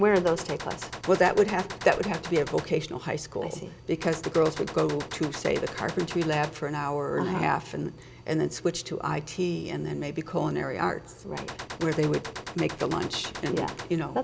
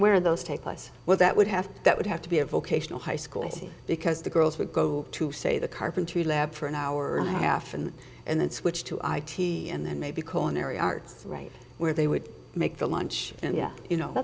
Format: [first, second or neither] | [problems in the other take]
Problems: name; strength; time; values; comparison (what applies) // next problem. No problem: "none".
second | background sound (Gunshot, gunfire); 11 dB below the speech